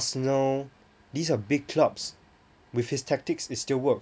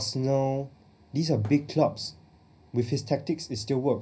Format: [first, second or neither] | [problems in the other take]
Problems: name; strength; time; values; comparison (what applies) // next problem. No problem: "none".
first | background sound (Thump, thud); 19 dB below the speech // room echo; dies away in 0.4 s